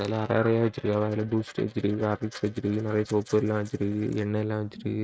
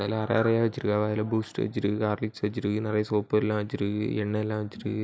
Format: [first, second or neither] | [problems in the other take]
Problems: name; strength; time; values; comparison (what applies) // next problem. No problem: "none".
second | noise reduction (neural mask model RNNoise)